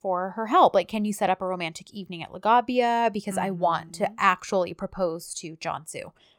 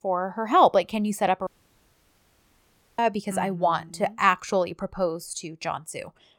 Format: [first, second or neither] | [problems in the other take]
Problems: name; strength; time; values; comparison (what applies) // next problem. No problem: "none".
first | audio cutting out; at 1.5 s for 1.5 s